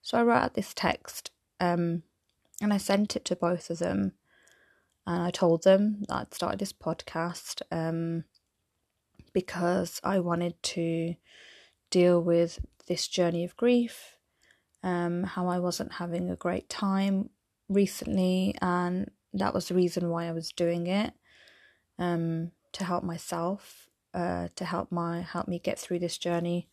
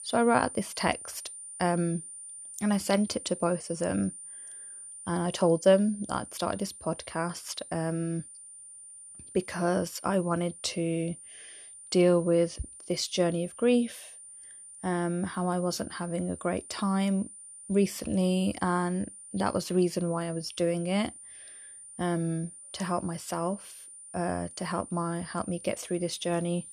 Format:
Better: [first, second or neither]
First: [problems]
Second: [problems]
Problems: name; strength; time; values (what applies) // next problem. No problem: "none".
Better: first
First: none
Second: high-pitched whine; noticeable; throughout; 9 kHz, 15 dB below the speech